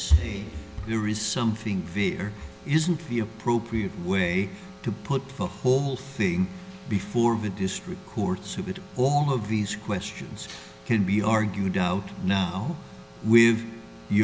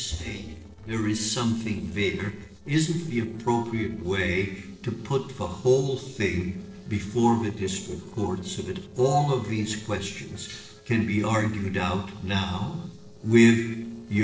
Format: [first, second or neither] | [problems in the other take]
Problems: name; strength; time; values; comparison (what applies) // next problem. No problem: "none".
first | noise reduction (neural separator model SepFormer DNS4)